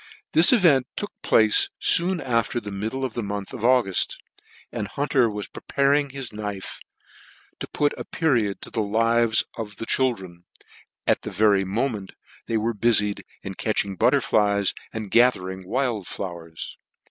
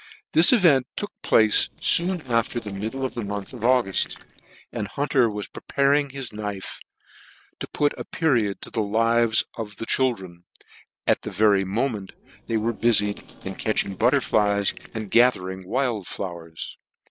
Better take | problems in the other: first | noise reduction (neural separator model SepFormer DNS4)

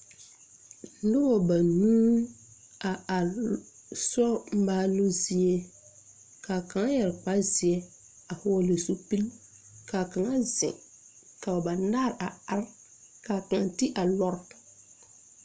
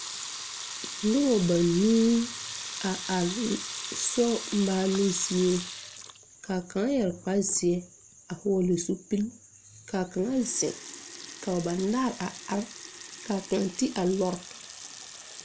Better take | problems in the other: first | background sound (Sink (filling or washing) / Water tap, faucet / Liquid); 12 dB below the speech

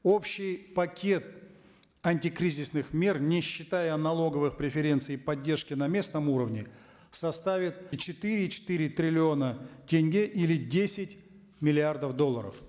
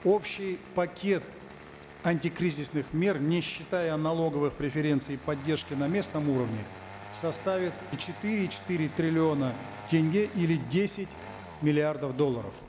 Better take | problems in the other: first | background sound (Engine starting); 16 dB below the speech

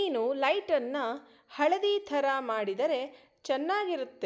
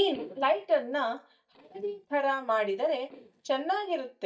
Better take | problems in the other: first | noise reduction (neural mask model DeepFilterNet 3)

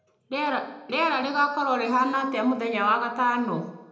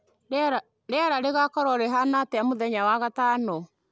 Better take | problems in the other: second | room echo; dies away in 0.8 s

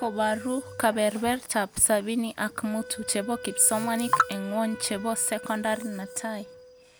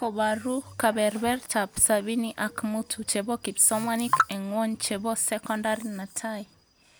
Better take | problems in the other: second | background sound (Wind instrument, woodwind instrument); 16 dB below the speech

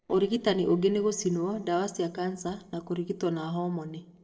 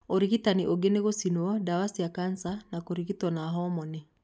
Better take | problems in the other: second | noise reduction (neural separator model SepFormer DNS4)

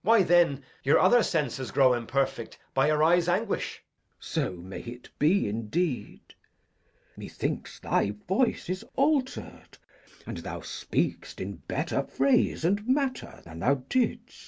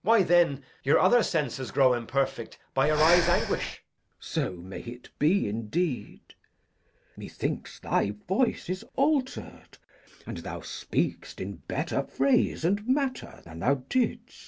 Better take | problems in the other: first | background sound (Breathing); 5 dB below the speech

